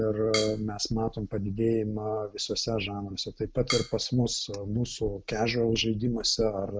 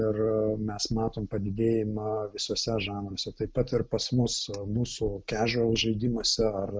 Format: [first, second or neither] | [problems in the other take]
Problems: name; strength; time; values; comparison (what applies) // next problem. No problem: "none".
second | background sound (Drum kit); 11 dB below the speech